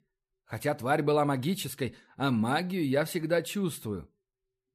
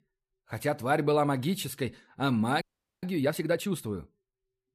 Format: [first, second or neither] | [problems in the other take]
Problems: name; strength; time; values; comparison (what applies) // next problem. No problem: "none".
first | audio freezing; at 2.5 s